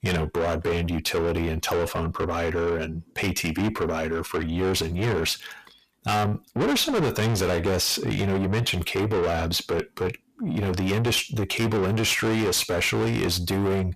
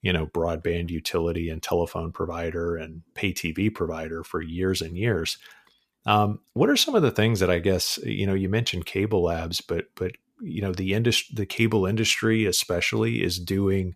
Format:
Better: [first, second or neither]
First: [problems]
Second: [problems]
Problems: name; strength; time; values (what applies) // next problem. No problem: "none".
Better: second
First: distortion; heavy; 5 dB below the speech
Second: none